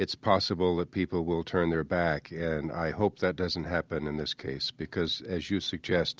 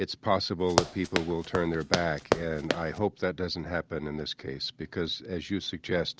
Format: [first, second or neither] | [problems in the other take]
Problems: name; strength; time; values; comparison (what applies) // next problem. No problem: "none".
first | background sound (Run); 1 dB below the speech